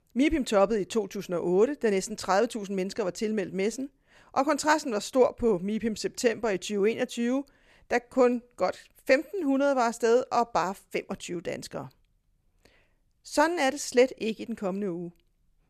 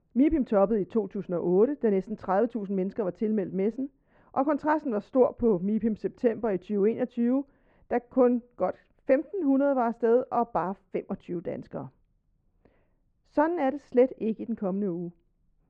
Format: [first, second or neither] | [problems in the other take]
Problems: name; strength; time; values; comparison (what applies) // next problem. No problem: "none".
first | muffled; very; fading above 1 kHz